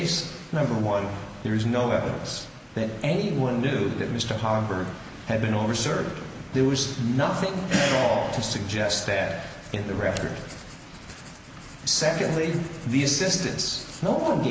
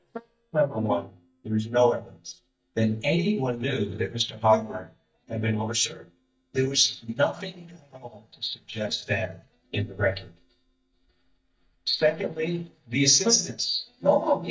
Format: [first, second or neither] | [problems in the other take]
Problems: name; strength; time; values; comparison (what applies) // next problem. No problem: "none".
first | noise reduction (neural mask model DeepFilterNet 3)